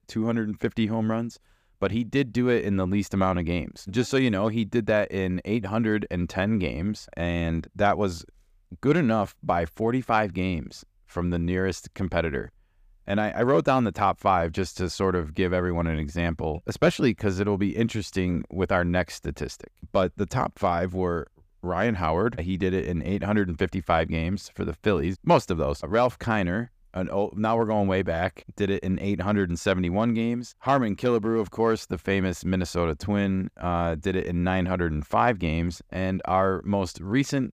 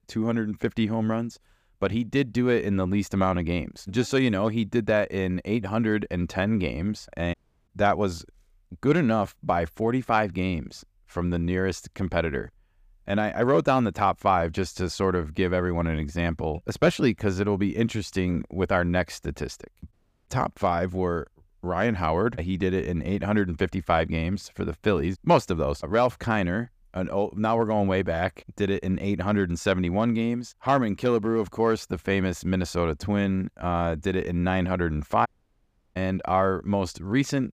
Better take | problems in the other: first | audio cutting out; at 7.5 s, at 20 s and at 35 s for 0.5 s

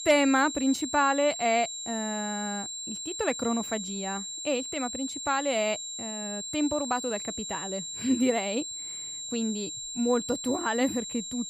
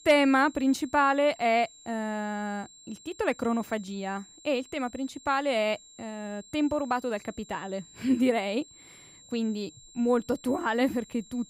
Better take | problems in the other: second | high-pitched whine; loud; throughout; 7.5 kHz, 5 dB below the speech; faint in the second

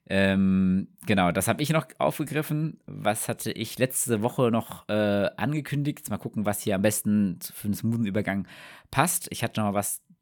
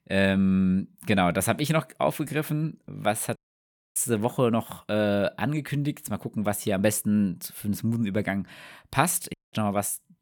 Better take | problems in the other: first | audio cutting out; at 3.5 s for 0.5 s and at 9.5 s

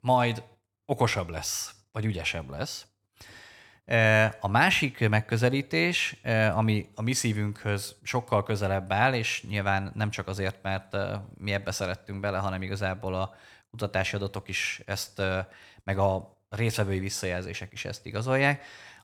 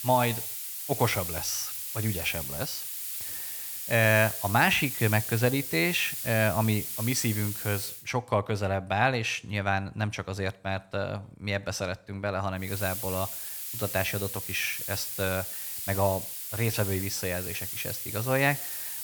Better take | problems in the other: first | hiss; loud; until 8 s and from 13 s on; 4 dB below the speech

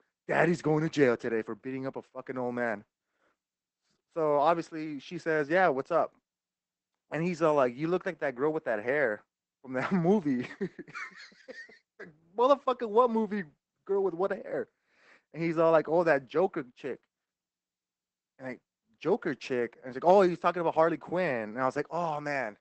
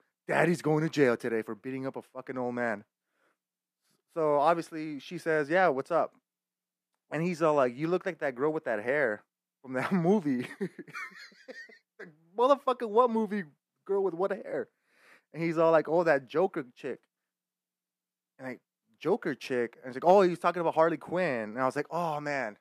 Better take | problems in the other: second | garbled, watery; badly; nothing above 8 kHz

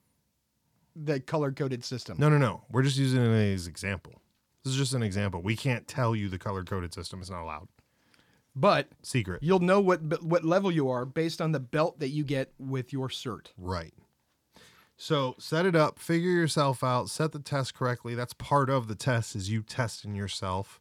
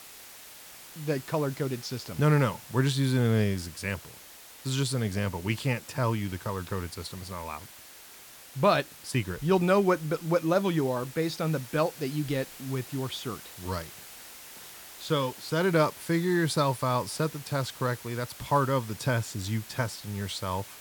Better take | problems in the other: first | hiss; noticeable; throughout; 15 dB below the speech

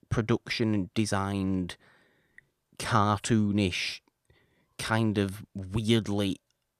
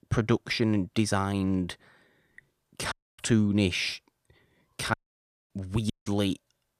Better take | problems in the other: first | audio cutting out; at 3 s, at 5 s for 0.5 s and at 6 s

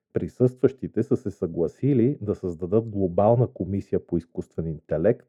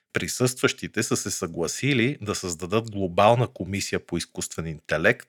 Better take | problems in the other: second | muffled; very; fading above 1 kHz

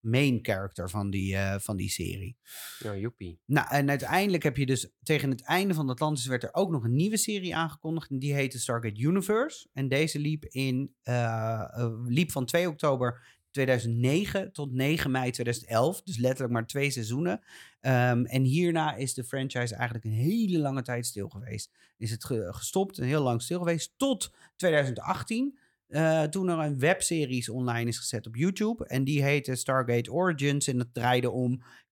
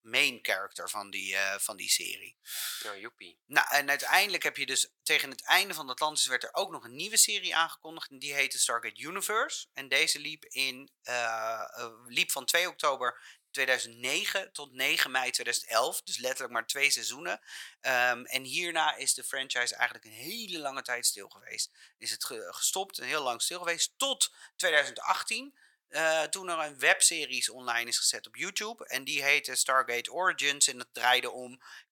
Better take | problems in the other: first | thin; very; fading below 950 Hz

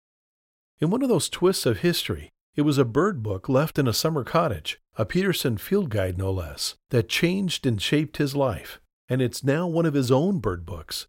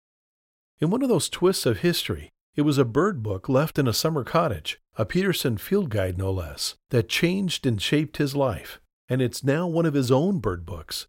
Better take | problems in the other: neither | none

